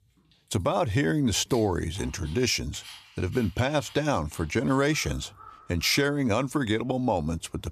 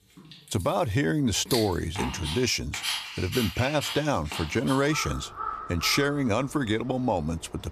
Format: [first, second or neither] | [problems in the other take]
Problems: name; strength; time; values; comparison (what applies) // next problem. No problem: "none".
first | animal sounds; loud; throughout; 7 dB below the speech; faint in the first